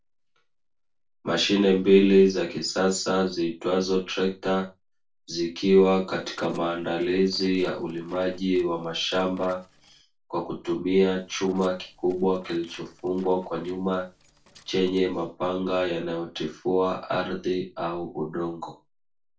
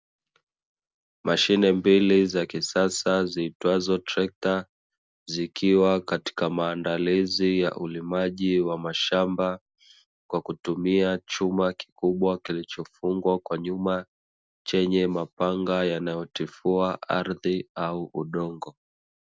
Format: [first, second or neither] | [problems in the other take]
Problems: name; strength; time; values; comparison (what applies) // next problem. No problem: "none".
second | noise reduction (neural separator model SepFormer DNS4)